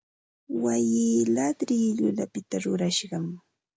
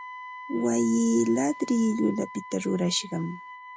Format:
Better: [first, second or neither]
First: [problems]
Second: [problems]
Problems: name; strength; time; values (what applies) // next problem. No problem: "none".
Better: first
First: none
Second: background sound (Wind instrument, woodwind instrument); 16 dB below the speech